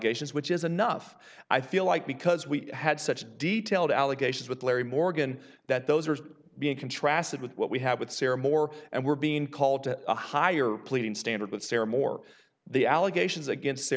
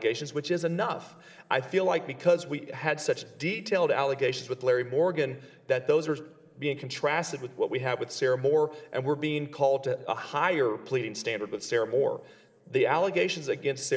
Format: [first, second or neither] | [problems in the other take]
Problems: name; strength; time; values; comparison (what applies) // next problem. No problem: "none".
first | room echo; dies away in 1.7 s